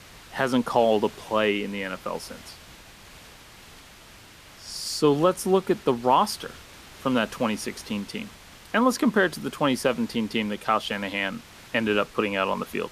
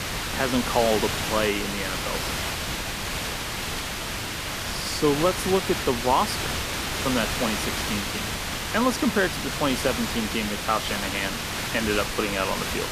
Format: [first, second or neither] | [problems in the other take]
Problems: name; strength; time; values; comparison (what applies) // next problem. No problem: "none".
first | hiss; loud; throughout; 1 dB below the speech; faint in the first